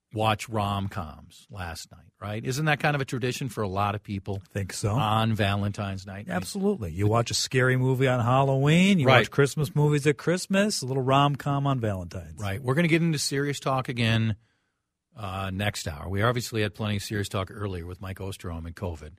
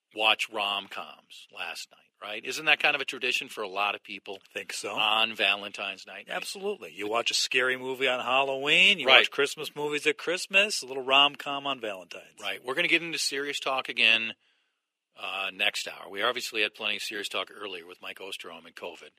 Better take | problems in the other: first | thin; very; fading below 350 Hz

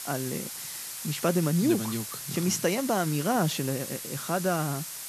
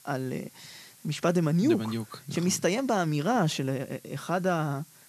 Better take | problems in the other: second | hiss; loud; throughout; 7 dB below the speech; faint in the second

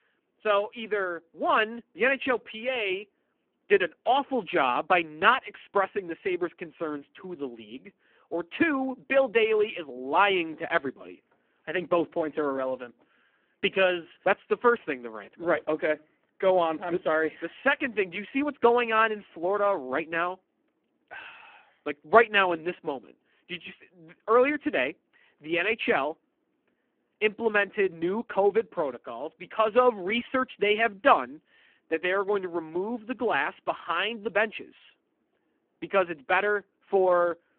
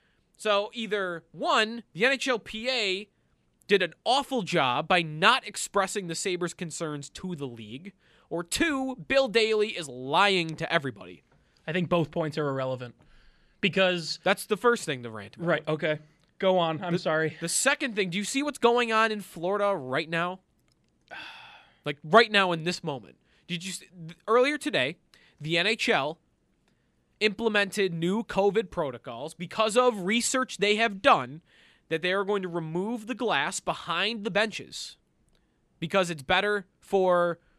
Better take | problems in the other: second | phone-call audio; poor line

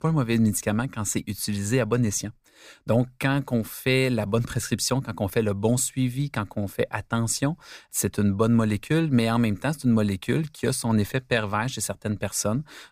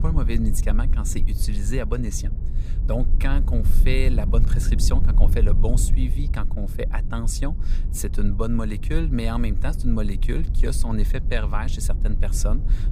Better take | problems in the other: first | low rumble; noticeable; throughout; 10 dB below the speech

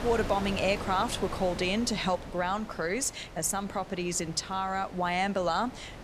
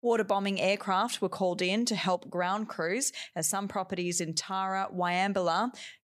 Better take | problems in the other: second | wind noise on the microphone; occasional gusts; 15 dB below the speech

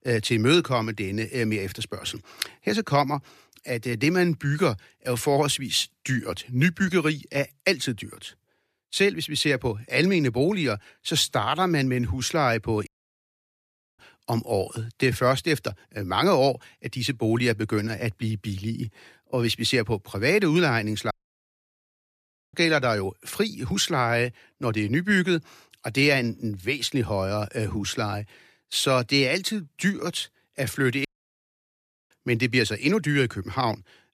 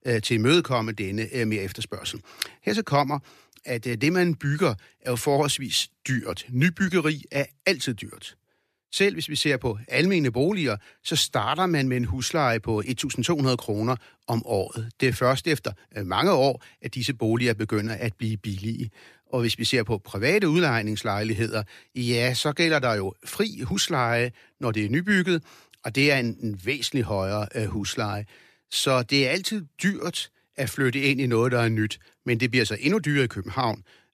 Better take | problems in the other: second | audio cutting out; at 13 s for 1 s, at 21 s for 1.5 s and at 31 s for 1 s

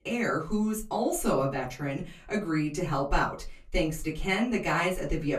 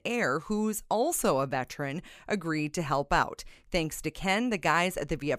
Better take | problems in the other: second | off-mic speech; far // room echo; very slight; dies away in 0.3 s

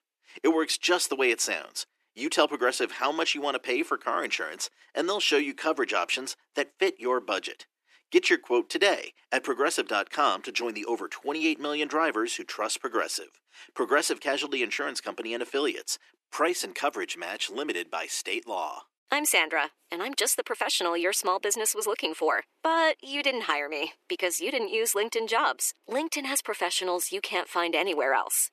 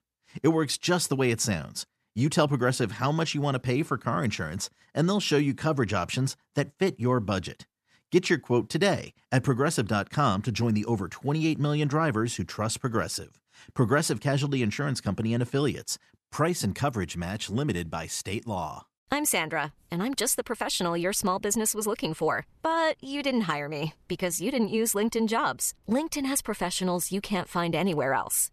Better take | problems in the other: second | thin; very; fading below 300 Hz

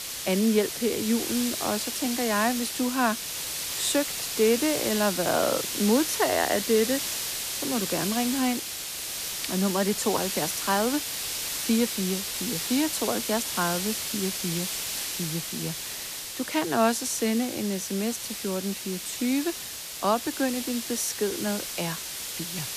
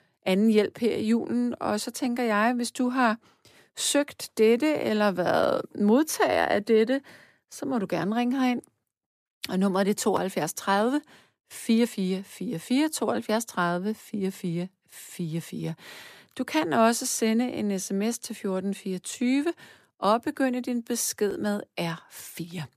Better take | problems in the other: second | hiss; loud; throughout; 2 dB below the speech

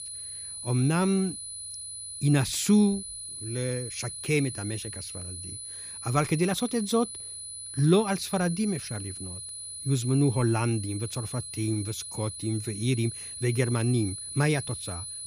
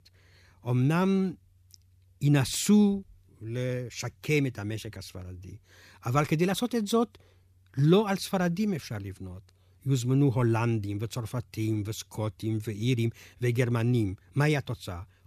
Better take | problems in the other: second | high-pitched whine; loud; throughout; 10 kHz, 8 dB below the speech

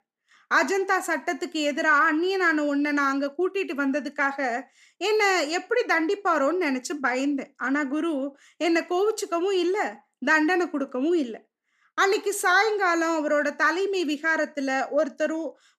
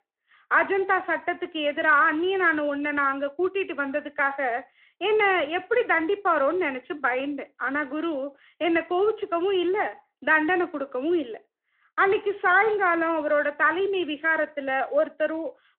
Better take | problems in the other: first | phone-call audio

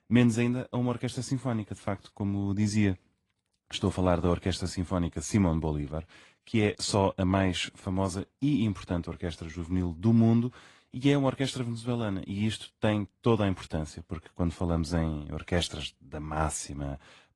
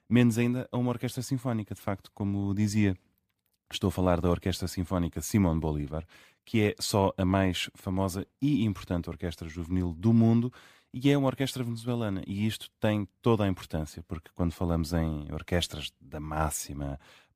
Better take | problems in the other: second | garbled, watery; slightly; nothing above 10.5 kHz

